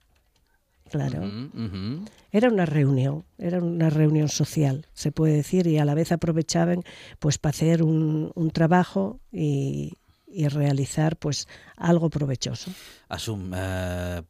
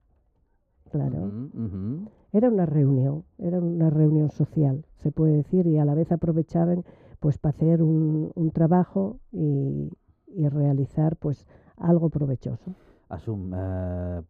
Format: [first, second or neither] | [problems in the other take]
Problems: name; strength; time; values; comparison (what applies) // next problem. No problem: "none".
first | muffled; very; fading above 1.5 kHz